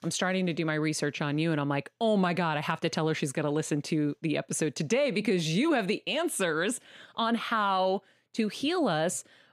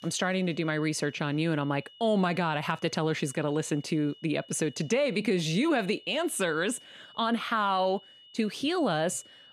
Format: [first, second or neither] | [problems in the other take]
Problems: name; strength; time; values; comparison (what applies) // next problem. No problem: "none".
first | high-pitched whine; faint; throughout; 3 kHz, 20 dB below the speech